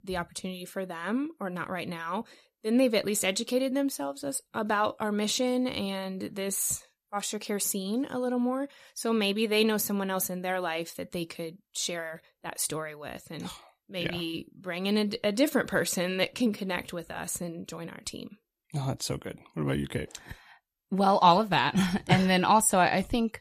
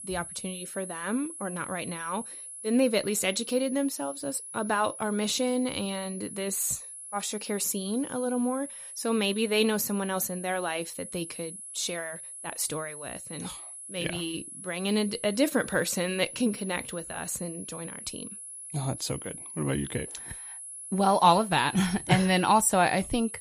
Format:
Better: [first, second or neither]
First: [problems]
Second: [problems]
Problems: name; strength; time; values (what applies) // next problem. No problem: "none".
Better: first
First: none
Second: high-pitched whine; noticeable; throughout; 10.5 kHz, 10 dB below the speech